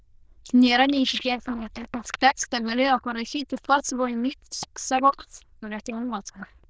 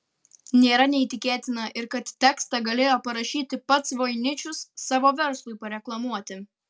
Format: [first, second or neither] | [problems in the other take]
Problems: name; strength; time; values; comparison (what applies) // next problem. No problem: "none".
second | noise reduction (neural diffusion model UNIVERSE++)